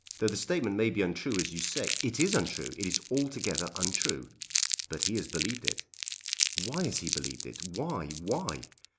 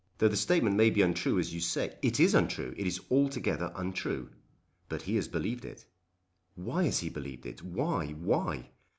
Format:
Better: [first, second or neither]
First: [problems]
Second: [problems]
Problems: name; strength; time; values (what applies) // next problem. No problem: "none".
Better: second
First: background sound (Crumpling, crinkling); 2 dB below the speech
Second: none